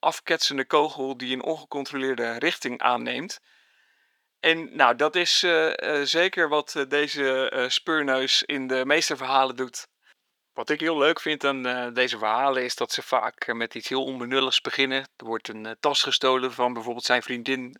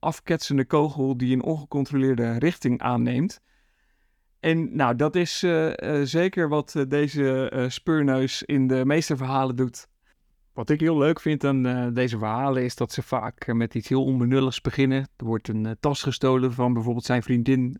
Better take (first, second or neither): second